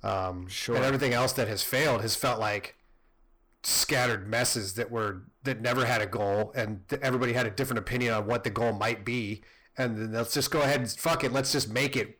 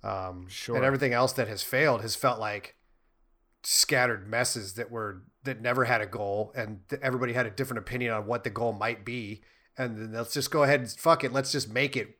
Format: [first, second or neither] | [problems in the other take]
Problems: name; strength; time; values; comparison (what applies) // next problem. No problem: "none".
second | distortion; heavy; 15% of the sound clipped